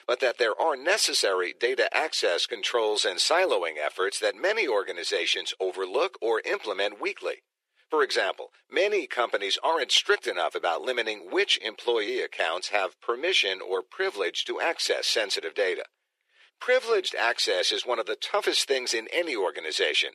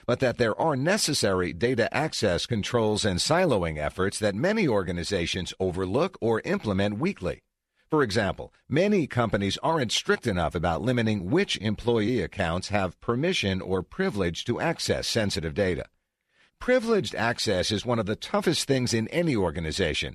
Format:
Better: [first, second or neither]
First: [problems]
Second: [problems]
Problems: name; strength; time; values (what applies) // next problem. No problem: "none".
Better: second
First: thin; very; fading below 400 Hz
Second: none